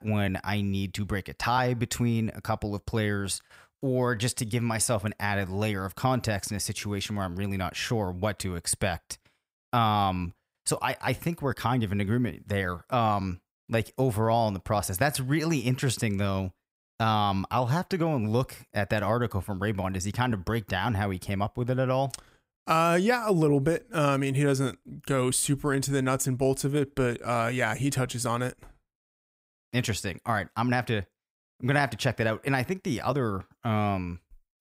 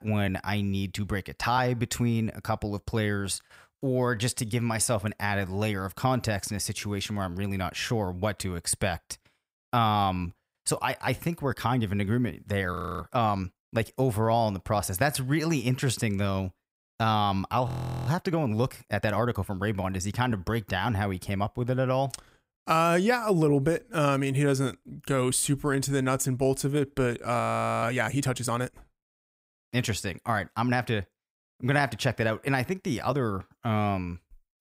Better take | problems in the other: first | audio freezing; at 13 s, at 18 s and at 27 s

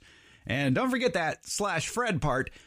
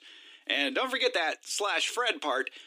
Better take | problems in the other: first | thin; somewhat; fading below 300 Hz

